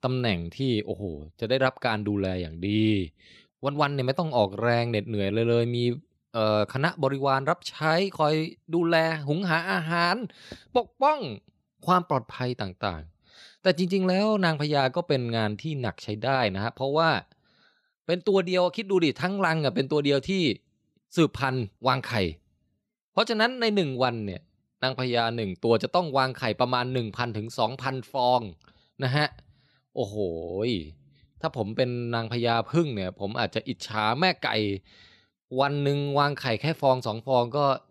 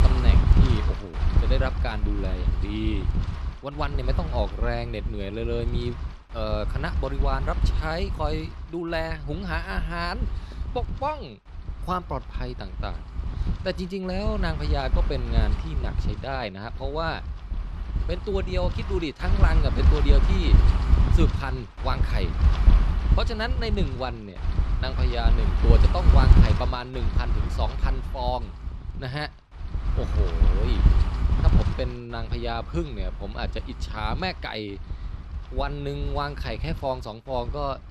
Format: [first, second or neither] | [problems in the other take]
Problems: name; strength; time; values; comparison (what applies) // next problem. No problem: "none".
first | wind noise on the microphone; heavy; 7 dB below the speech